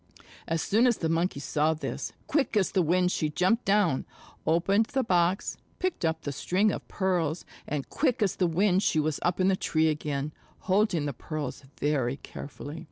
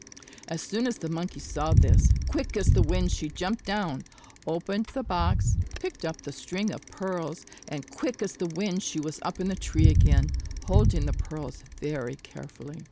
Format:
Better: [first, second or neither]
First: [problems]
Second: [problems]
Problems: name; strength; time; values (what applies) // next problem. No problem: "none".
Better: first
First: none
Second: background sound (Bicycle); 4 dB above the speech